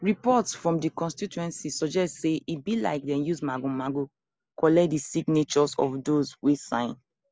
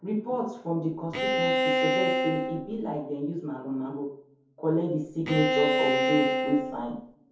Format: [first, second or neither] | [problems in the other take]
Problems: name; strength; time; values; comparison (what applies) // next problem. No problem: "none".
first | background sound (Bowed string instrument); 3 dB above the speech // room echo; dies away in 0.6 s